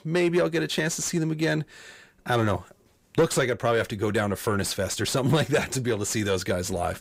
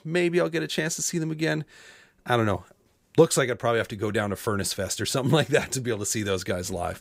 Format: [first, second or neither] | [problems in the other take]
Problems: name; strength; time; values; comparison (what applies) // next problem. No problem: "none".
second | distortion; slight; 10 dB below the speech